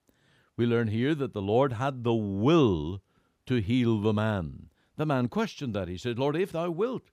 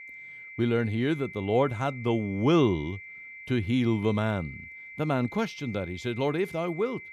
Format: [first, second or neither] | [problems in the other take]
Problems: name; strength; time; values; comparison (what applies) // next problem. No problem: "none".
first | high-pitched whine; noticeable; throughout; 2 kHz, 15 dB below the speech